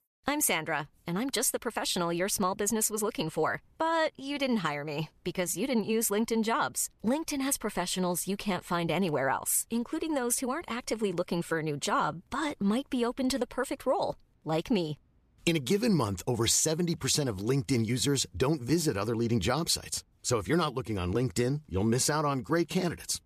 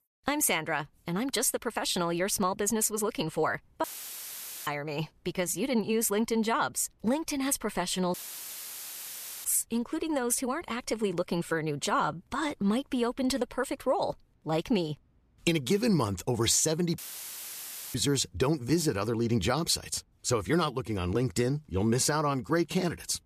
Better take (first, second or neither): first